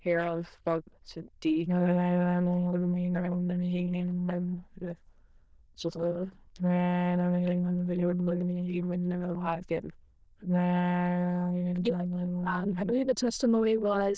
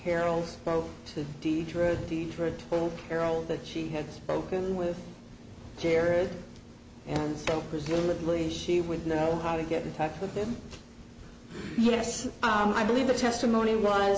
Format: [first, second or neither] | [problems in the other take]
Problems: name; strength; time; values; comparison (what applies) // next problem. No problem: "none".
second | noise reduction (neural diffusion model UNIVERSE++)